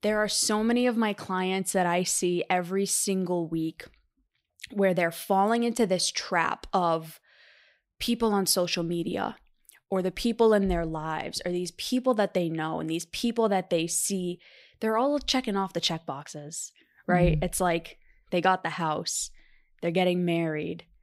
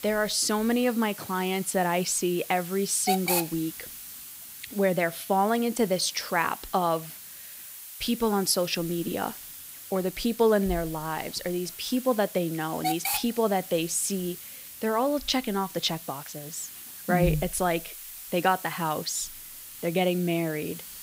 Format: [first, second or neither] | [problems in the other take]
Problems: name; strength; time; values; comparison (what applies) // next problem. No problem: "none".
first | hiss; loud; throughout; 10 dB below the speech